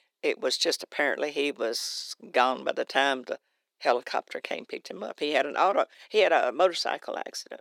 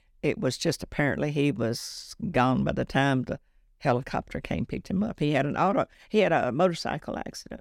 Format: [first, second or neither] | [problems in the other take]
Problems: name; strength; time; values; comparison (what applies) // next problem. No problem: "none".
second | thin; very; fading below 350 Hz